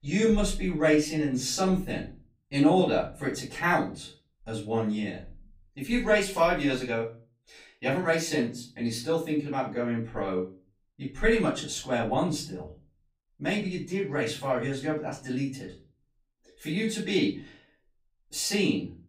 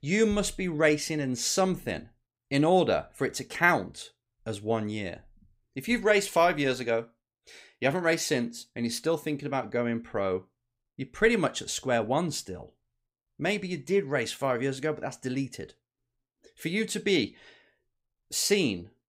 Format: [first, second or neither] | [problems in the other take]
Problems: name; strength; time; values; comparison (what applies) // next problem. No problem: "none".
second | room echo; slight; dies away in 0.3 s // off-mic speech; far